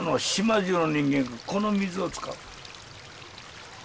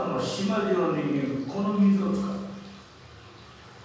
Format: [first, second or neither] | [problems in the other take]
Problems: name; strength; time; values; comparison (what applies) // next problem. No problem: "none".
first | room echo; dies away in 1.3 s